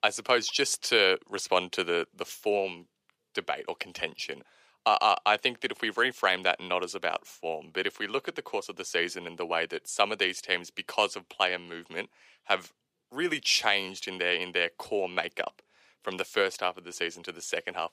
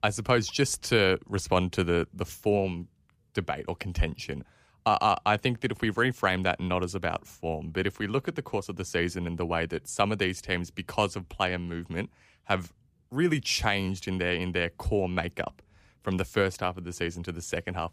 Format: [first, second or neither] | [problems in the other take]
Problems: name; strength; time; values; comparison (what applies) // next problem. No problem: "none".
second | thin; somewhat; fading below 450 Hz